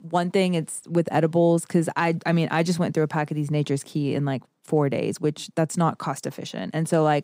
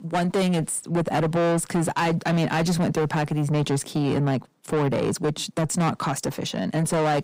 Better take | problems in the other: first | distortion; heavy; 7 dB below the speech

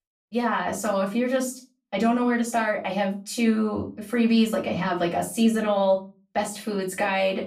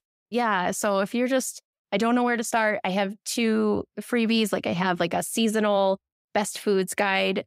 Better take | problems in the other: second | off-mic speech; far // room echo; slight; dies away in 0.3 s

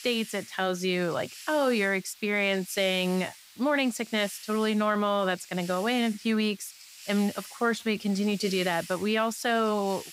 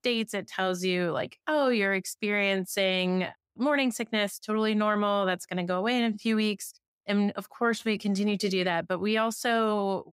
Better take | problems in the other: second | hiss; noticeable; throughout; 15 dB below the speech

